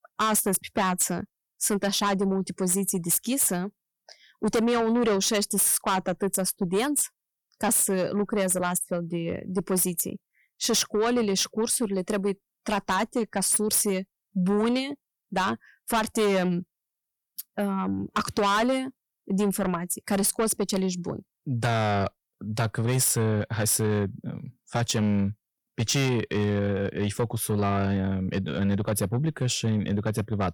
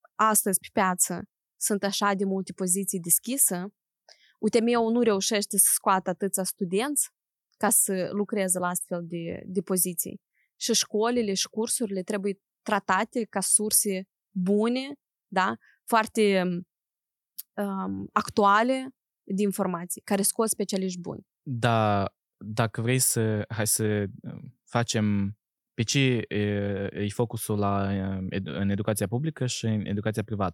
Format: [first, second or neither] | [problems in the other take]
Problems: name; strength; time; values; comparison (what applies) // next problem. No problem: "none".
second | distortion; heavy; 8 dB below the speech